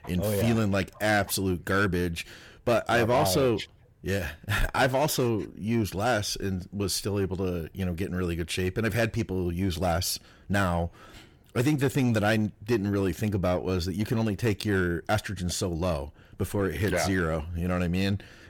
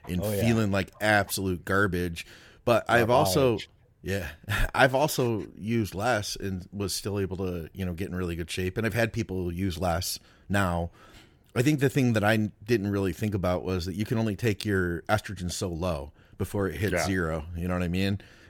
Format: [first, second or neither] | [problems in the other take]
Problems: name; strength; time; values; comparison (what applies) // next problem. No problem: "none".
second | distortion; slight; 10 dB below the speech